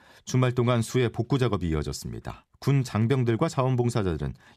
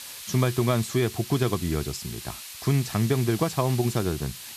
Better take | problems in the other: first | hiss; noticeable; throughout; 10 dB below the speech

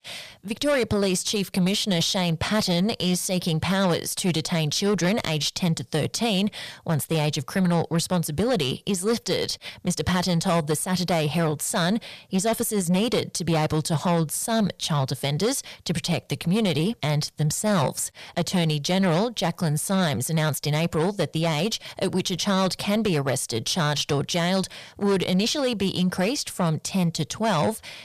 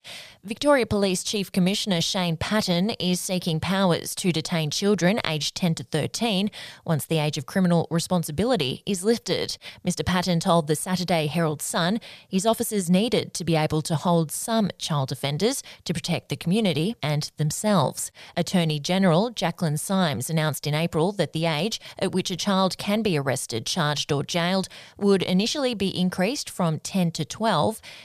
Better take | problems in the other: second | distortion; slight; 10 dB below the speech

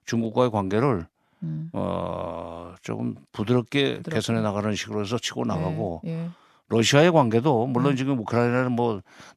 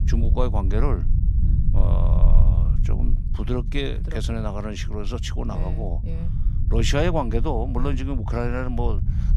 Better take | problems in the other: first | low rumble; noticeable; throughout; 10 dB below the speech

